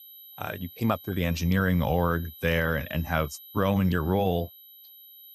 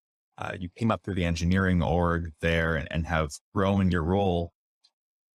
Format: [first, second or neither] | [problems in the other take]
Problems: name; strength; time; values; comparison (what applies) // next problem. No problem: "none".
second | high-pitched whine; noticeable; throughout; 12 kHz, 20 dB below the speech